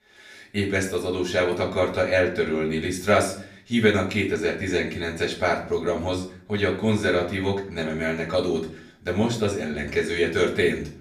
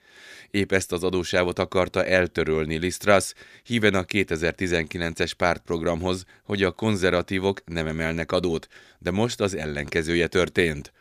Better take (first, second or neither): second